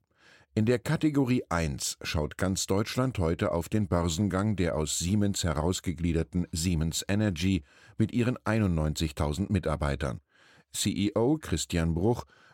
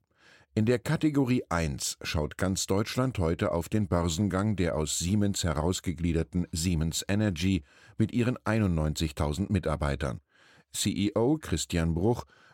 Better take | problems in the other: neither | none

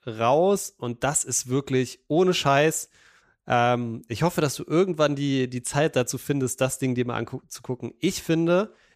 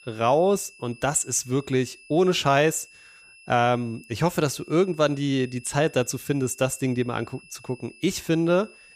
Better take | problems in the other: first | high-pitched whine; faint; throughout; 2.5 kHz, 25 dB below the speech

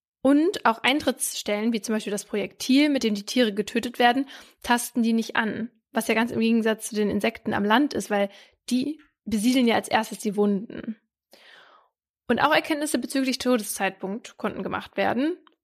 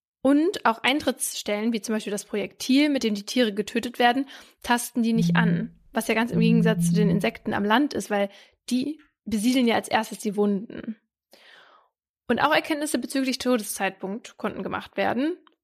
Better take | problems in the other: first | phone ringing; loud; from 5 to 7.5 s; peak 2 dB above the speech

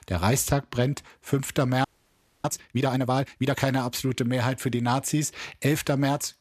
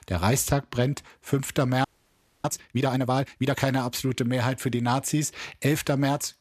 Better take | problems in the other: neither | audio freezing; at 2 s for 0.5 s; the same in both

